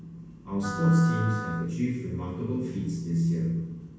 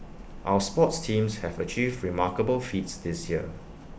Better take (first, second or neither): second